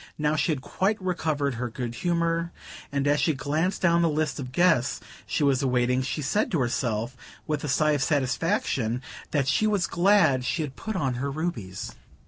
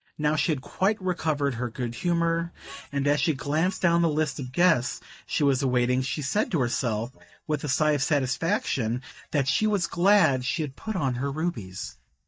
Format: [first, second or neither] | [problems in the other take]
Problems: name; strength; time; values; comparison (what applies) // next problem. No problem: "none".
first | noise reduction (neural mask model DeepFilterNet 3)